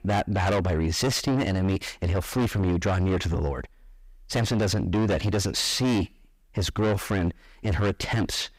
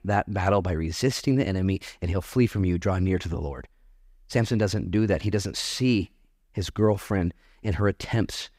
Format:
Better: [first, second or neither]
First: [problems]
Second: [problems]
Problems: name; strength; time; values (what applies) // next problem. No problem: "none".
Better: second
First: distortion; heavy; 6 dB below the speech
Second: none